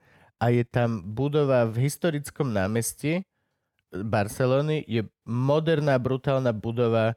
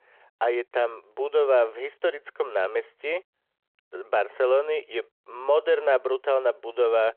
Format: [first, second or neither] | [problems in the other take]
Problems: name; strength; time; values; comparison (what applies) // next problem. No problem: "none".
first | phone-call audio